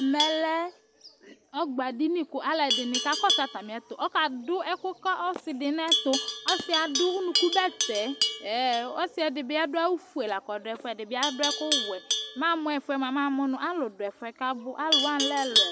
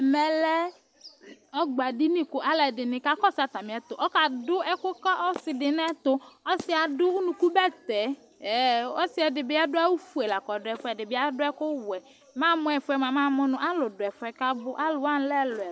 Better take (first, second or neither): second